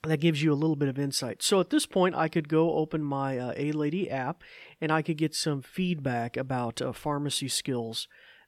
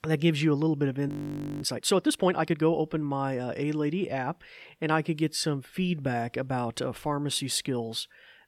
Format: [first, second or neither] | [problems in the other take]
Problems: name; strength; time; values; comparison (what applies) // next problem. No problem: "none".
first | audio freezing; at 1 s for 0.5 s